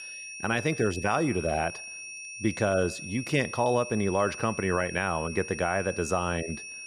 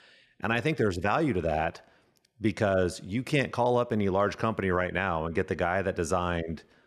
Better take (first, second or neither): second